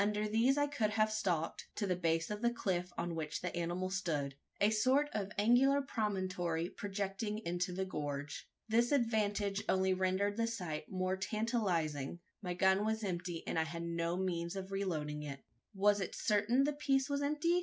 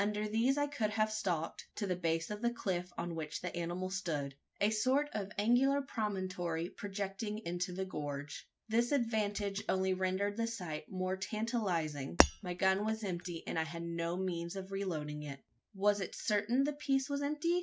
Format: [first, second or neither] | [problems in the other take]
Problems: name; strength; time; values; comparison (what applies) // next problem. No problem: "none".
first | background sound (Shatter); as loud as the speech